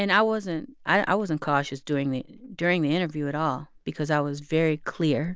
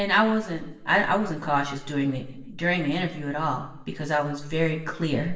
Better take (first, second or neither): first